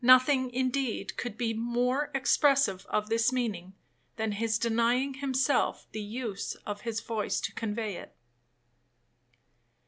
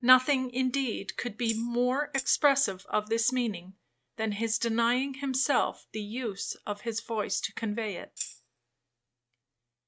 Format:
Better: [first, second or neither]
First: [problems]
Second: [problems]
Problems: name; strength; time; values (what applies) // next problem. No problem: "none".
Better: first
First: none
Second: noise reduction (neural mask model RNNoise)